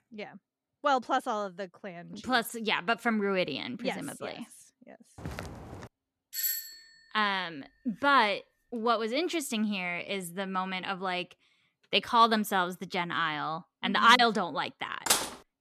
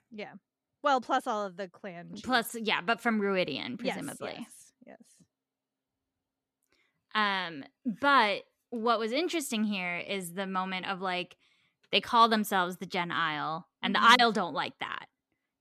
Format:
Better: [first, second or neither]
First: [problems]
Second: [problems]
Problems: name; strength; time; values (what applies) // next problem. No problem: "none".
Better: second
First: footsteps; faint; at 5 s; peak 10 dB below the speech // doorbell; noticeable; at 6.5 s; peak 1 dB below the speech // clattering dishes; loud; at 15 s; peak 2 dB above the speech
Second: none